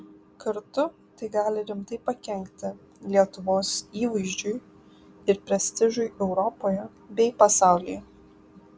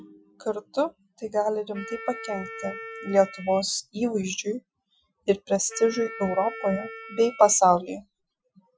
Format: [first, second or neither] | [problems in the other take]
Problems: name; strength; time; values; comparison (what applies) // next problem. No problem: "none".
first | noise reduction (classical method Wiener filter)